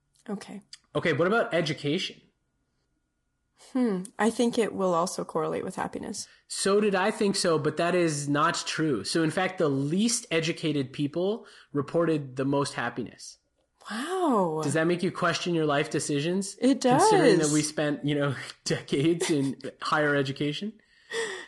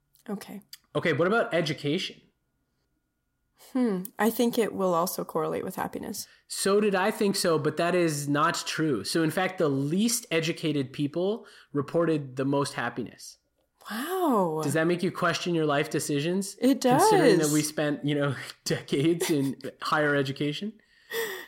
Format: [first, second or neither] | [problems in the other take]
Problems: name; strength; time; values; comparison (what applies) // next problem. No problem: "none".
second | garbled, watery; slightly; nothing above 10.5 kHz